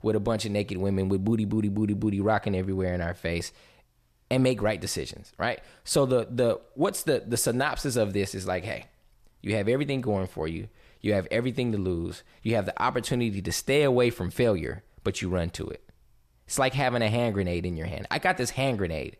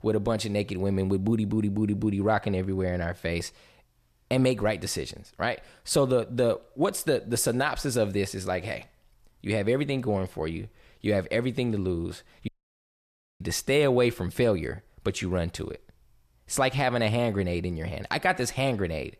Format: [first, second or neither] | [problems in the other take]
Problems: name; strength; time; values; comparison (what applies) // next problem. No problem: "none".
first | audio cutting out; at 12 s for 1 s